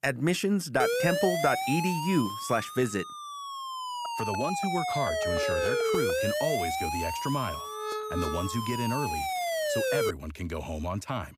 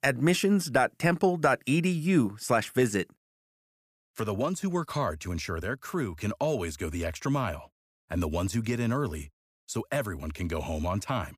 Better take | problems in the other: second | siren; loud; from 1 to 10 s; peak 4 dB above the speech

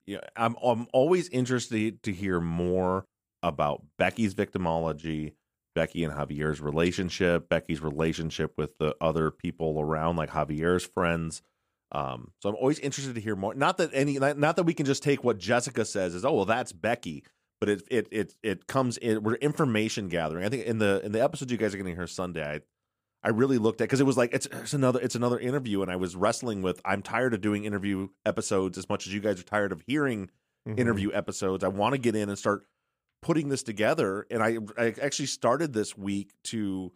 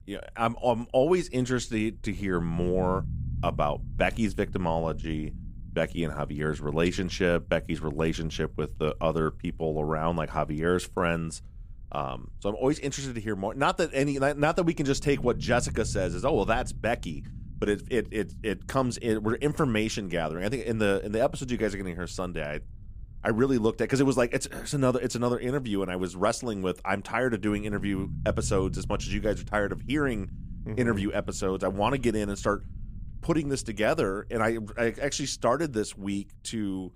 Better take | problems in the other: first | low rumble; faint; throughout; 25 dB below the speech

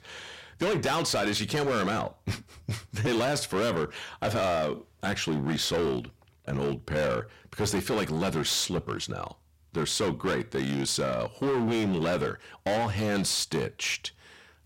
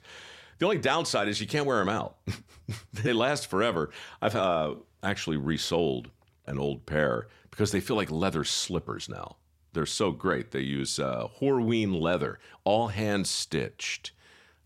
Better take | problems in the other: second | distortion; heavy; 16% of the sound clipped

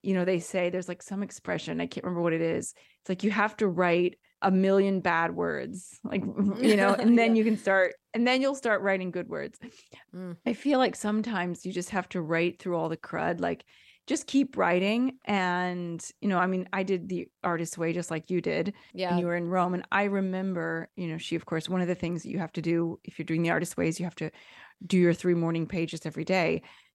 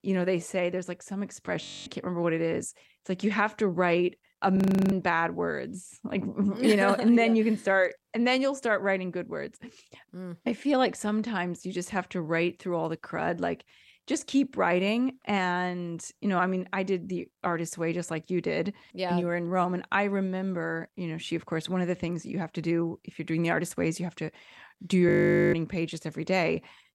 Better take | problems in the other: first | audio freezing; at 1.5 s, at 4.5 s and at 25 s

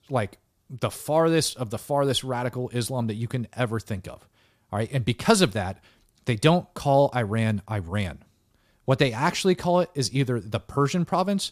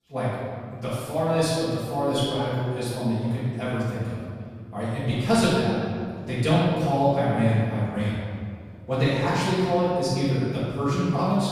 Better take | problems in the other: first | off-mic speech; far // room echo; strong; dies away in 2.1 s

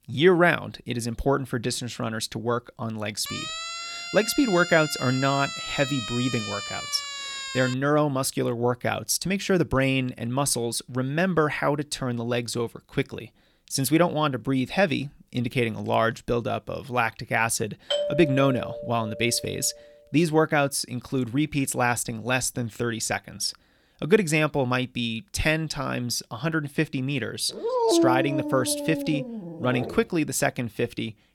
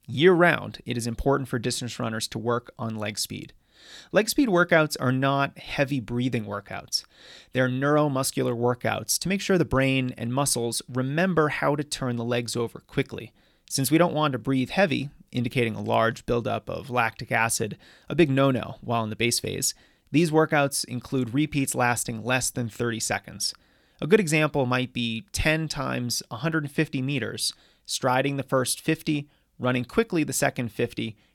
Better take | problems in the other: second | siren; noticeable; from 3.5 to 7.5 s; peak 5 dB below the speech // doorbell; noticeable; from 18 to 19 s; peak 1 dB below the speech // dog barking; loud; from 28 to 30 s; peak 4 dB above the speech

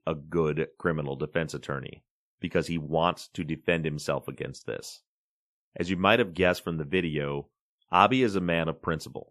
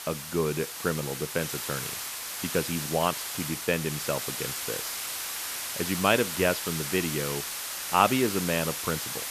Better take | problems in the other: first | hiss; loud; throughout; 3 dB below the speech

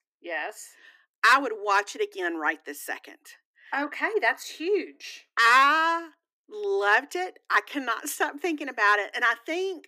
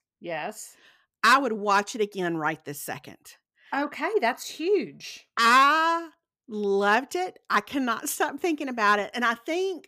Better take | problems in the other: second | thin; very slightly; fading below 300 Hz

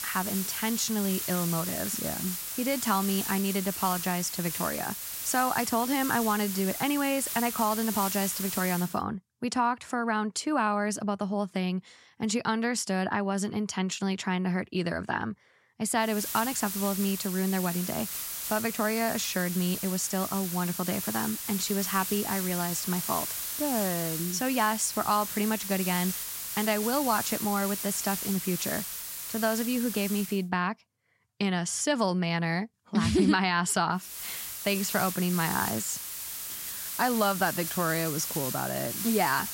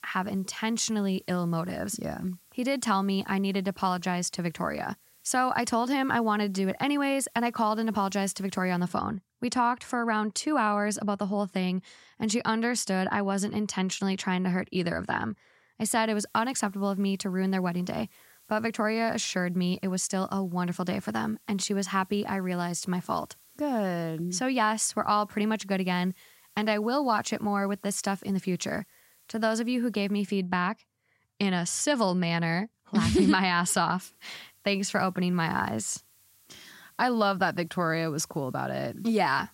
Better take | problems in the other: second | hiss; loud; until 9 s, from 16 to 30 s and from 34 s on; 3 dB below the speech; faint in the second

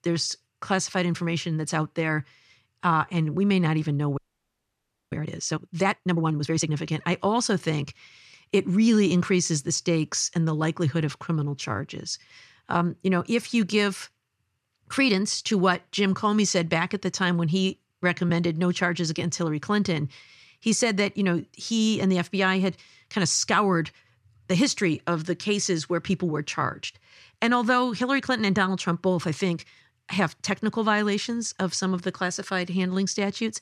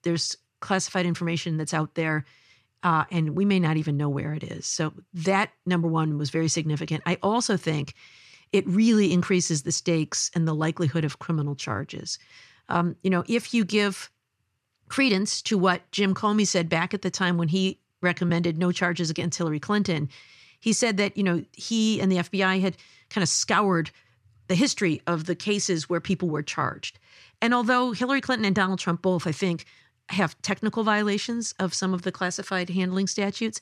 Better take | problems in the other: second | audio freezing; at 4 s for 1 s

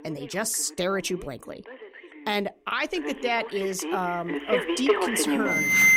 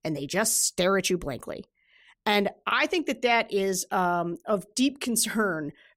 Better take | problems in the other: second | alarms or sirens; very loud; throughout; 2 dB above the speech

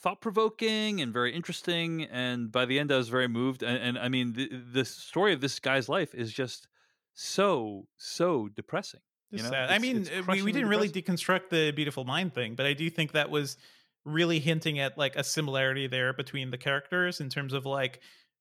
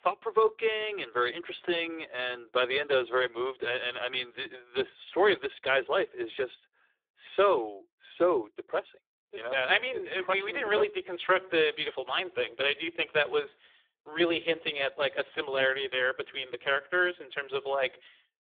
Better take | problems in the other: first | phone-call audio; poor line; nothing above 3.5 kHz

